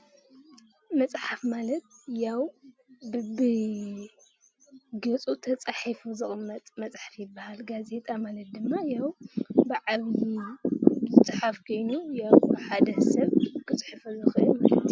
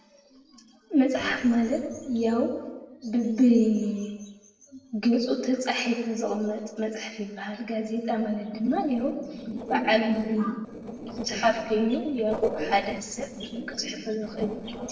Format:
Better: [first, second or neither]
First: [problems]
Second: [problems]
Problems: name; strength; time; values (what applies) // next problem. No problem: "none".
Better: first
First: none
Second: noise reduction (neural separator model SepFormer DNS4)